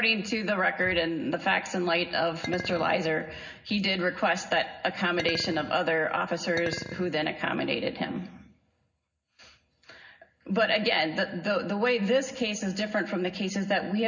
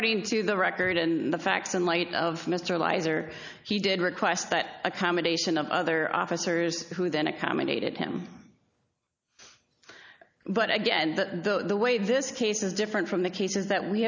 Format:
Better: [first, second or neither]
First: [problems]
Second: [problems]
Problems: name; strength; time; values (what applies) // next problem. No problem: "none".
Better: second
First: background sound (Chink, clink); 11 dB below the speech // room echo; dies away in 0.4 s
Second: none